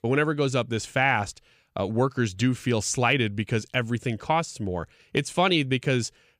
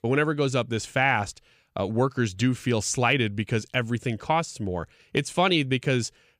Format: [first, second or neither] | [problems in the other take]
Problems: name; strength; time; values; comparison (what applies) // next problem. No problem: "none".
neither | none